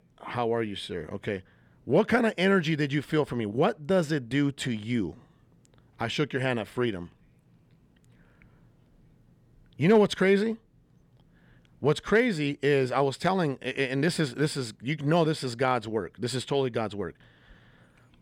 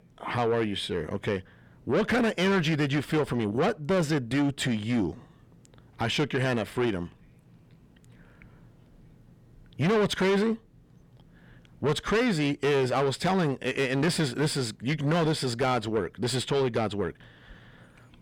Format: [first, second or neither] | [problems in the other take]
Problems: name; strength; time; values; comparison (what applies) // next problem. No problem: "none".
first | distortion; heavy; 7 dB below the speech